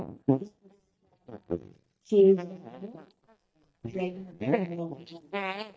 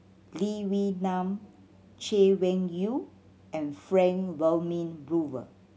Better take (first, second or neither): second